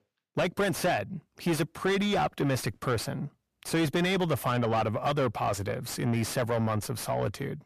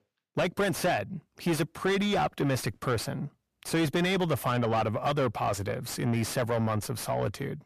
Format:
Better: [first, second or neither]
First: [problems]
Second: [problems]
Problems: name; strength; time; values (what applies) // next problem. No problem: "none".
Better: neither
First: distortion; heavy; 6 dB below the speech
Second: distortion; heavy; 6 dB below the speech